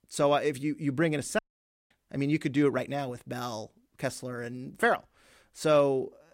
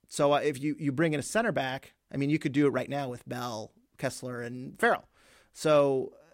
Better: second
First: audio cutting out; at 1.5 s for 0.5 s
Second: none

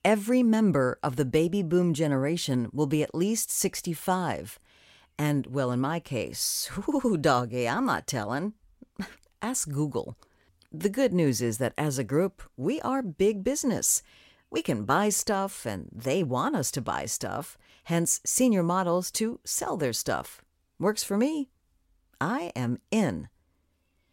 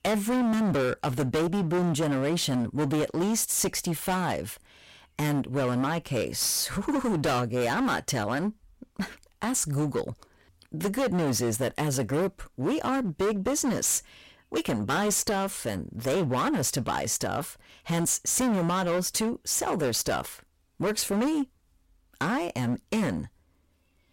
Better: first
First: none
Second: distortion; heavy; 19% of the sound clipped

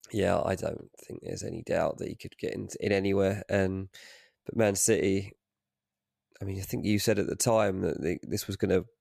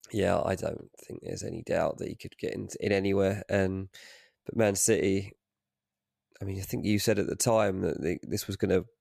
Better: neither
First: none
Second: none

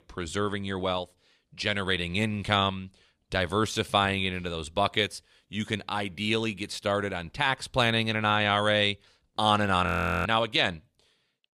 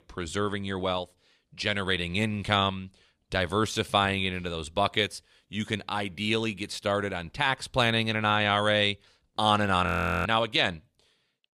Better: neither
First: audio freezing; at 10 s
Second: audio freezing; at 10 s

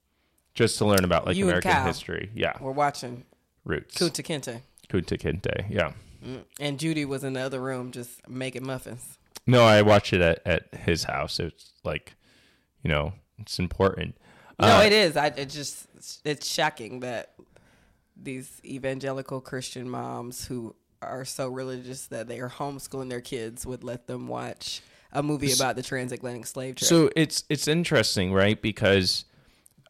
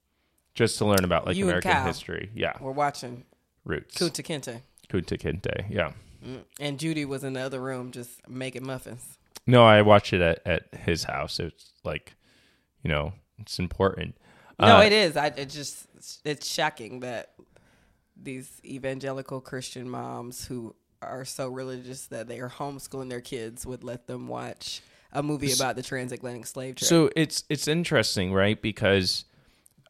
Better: second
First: distortion; slight; 0.9% of the sound clipped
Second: none

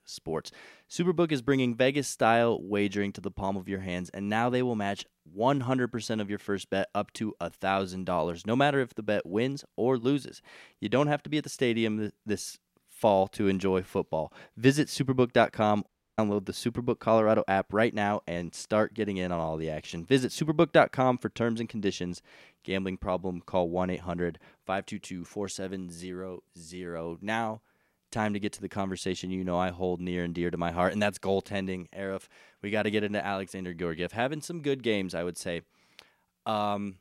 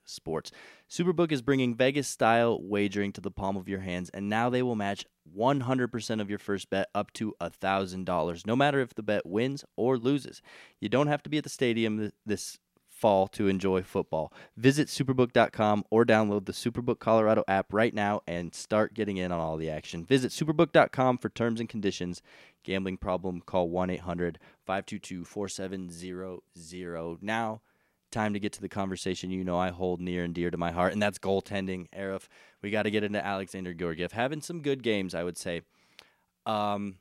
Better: second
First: audio cutting out; at 16 s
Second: none

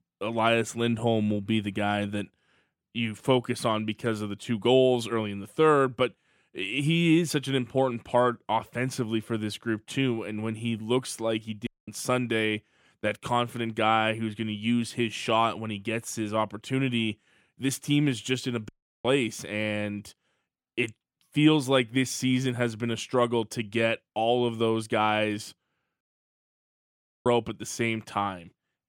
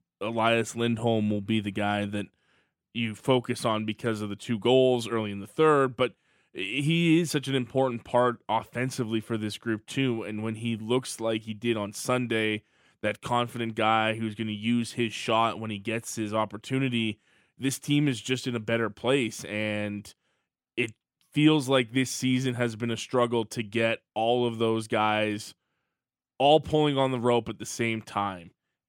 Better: second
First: audio cutting out; at 12 s, at 19 s and at 26 s for 1.5 s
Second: none

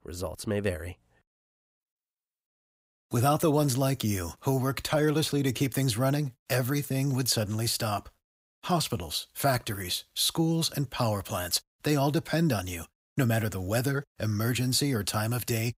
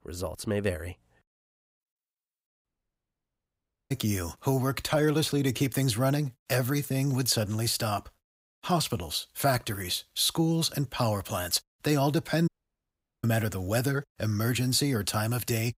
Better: first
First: none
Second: audio cutting out; at 2.5 s for 1.5 s and at 12 s for 1 s

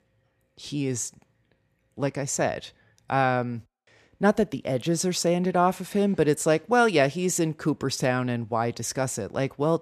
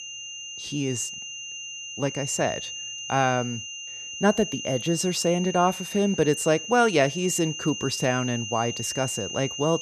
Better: first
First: none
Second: high-pitched whine; loud; throughout; 3 kHz, 8 dB below the speech

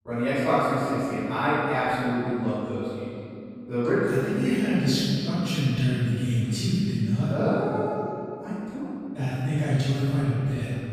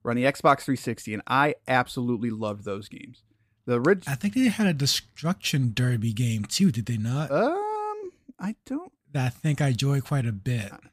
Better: second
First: room echo; strong; dies away in 2.7 s // off-mic speech; far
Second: none

